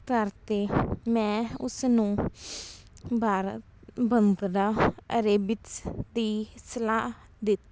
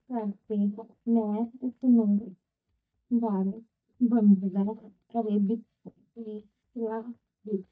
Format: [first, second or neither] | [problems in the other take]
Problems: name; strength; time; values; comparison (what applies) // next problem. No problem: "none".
first | noise reduction (neural mask model DeepFilterNet 3)